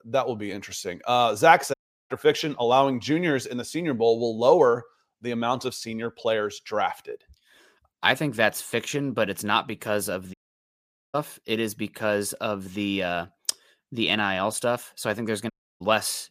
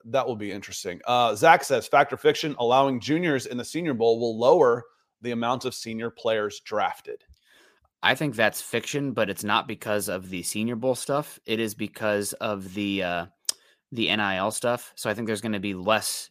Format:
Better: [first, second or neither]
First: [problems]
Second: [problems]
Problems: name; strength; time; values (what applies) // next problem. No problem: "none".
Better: second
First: audio cutting out; at 1.5 s, at 10 s for 1 s and at 16 s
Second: none